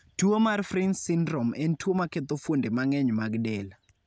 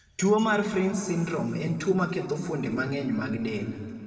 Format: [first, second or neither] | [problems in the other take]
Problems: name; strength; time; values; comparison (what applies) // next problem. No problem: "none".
first | room echo; dies away in 2.3 s